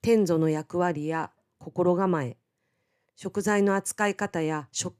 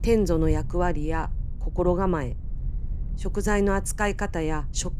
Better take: first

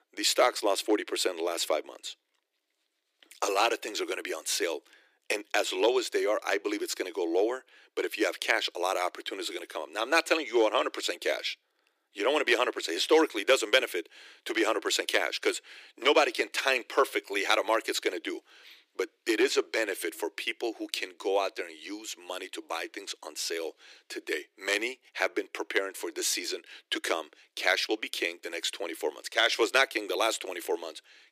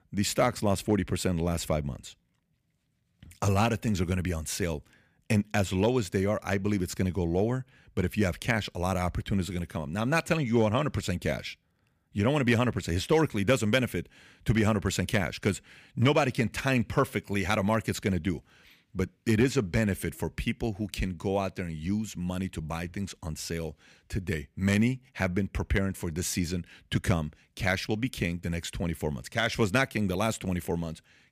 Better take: second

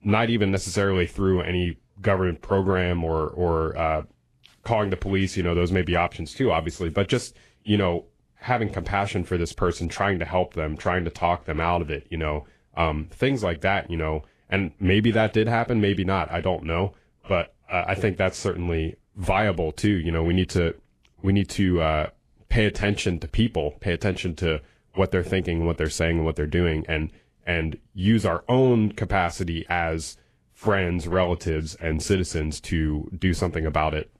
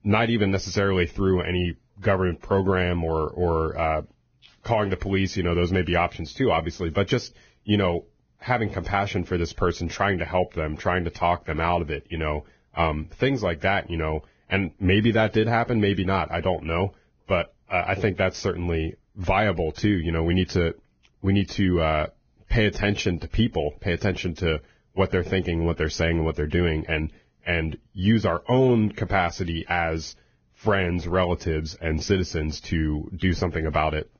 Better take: first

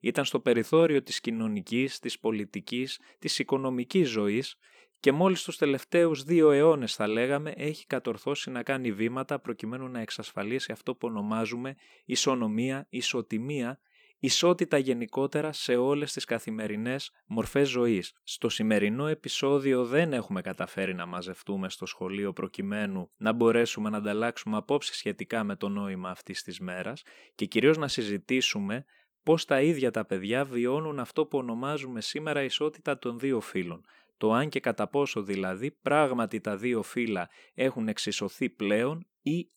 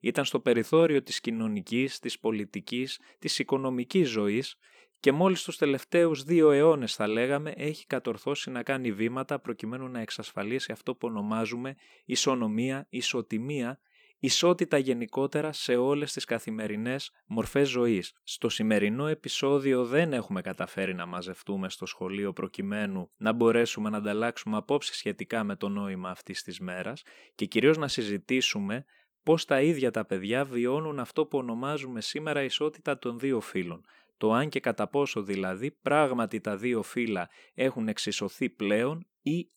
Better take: neither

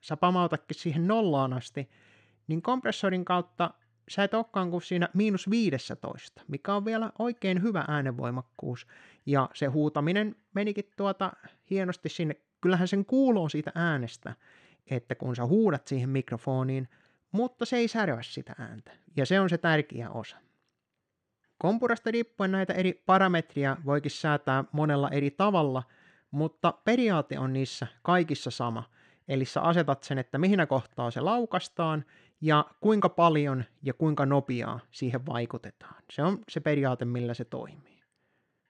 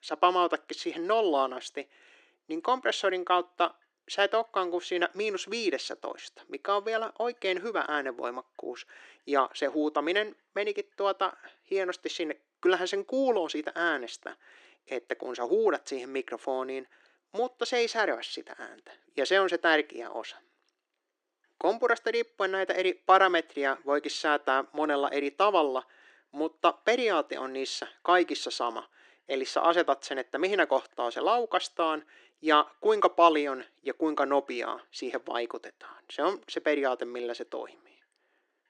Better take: first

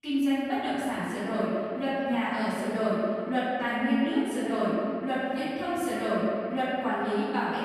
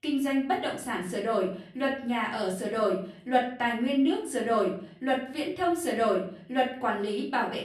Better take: second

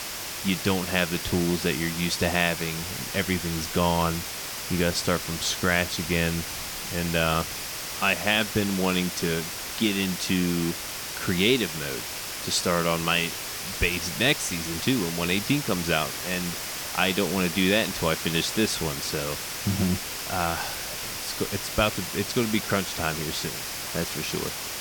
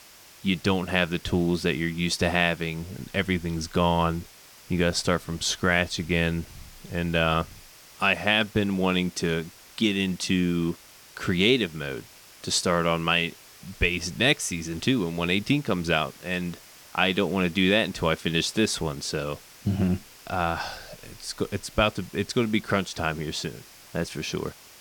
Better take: second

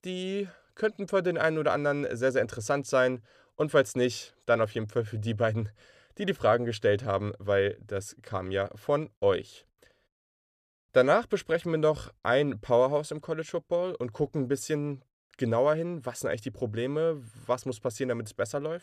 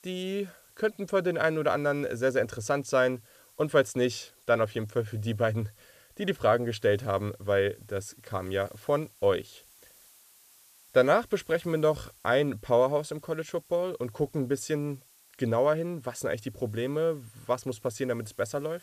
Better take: first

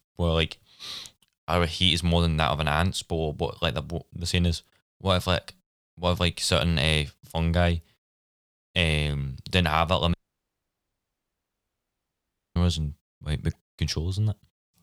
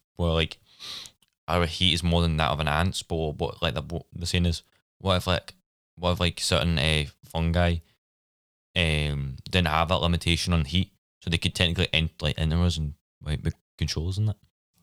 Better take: second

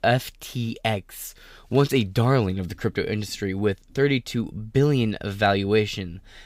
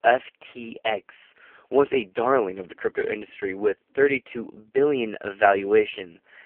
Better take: first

